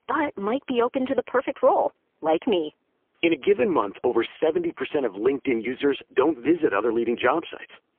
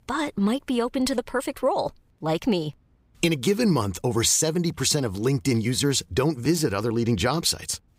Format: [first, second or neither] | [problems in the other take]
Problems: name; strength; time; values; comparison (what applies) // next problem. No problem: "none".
second | phone-call audio; poor line; nothing above 3.5 kHz